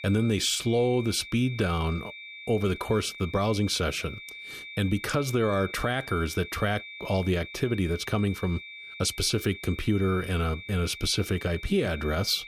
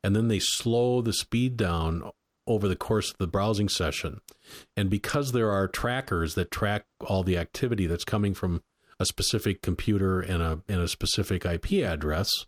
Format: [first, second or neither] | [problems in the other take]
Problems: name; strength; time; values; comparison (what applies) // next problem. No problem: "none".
second | high-pitched whine; noticeable; throughout; 2.5 kHz, 15 dB below the speech